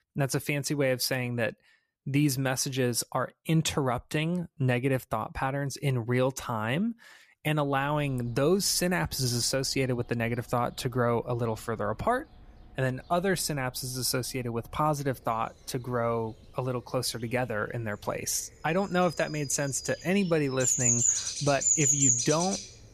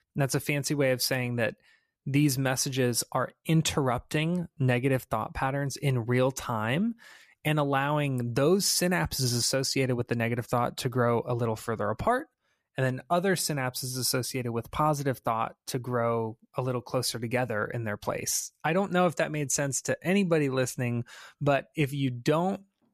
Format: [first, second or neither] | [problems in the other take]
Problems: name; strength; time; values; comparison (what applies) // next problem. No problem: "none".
second | animal sounds; very loud; from 7.5 s on; 3 dB above the speech